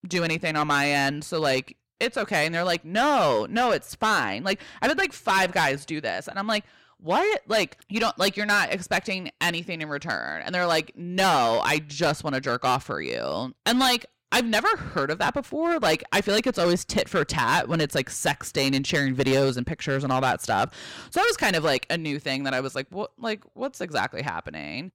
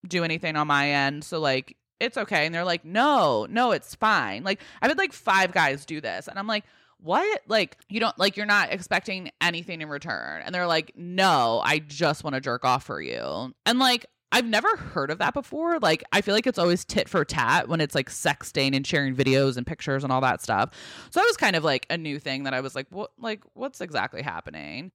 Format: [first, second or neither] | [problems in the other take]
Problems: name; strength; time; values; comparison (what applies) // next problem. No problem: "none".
second | distortion; slight; 8% of the sound clipped